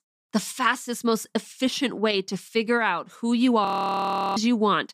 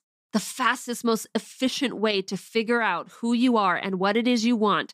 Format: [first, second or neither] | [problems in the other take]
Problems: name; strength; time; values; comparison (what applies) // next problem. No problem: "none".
second | audio freezing; at 3.5 s for 0.5 s